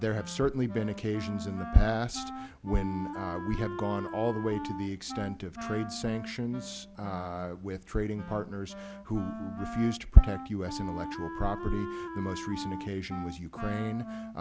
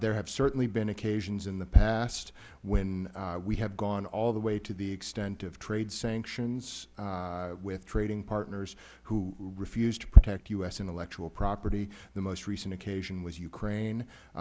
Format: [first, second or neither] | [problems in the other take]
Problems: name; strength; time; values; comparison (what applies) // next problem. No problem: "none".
second | background sound (Wind instrument, woodwind instrument); 10 dB below the speech